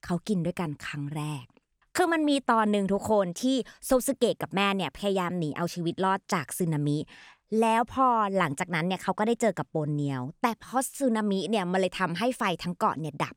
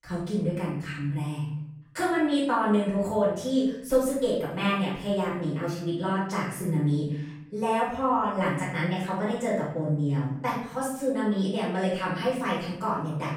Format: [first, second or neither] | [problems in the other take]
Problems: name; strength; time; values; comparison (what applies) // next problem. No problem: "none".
first | off-mic speech; far // room echo; noticeable; dies away in 0.8 s